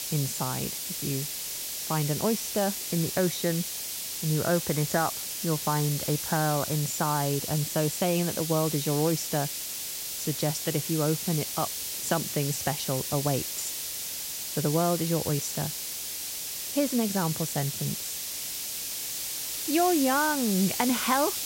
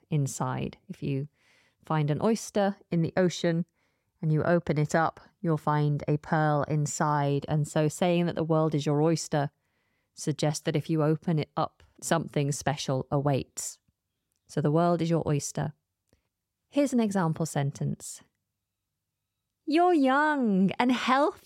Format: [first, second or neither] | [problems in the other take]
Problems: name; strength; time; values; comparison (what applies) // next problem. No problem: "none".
second | hiss; loud; throughout; 2 dB below the speech